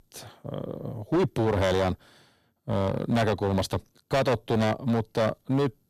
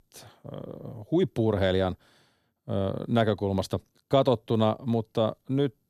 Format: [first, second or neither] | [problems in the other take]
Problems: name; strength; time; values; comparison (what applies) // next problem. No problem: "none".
second | distortion; heavy; 11% of the sound clipped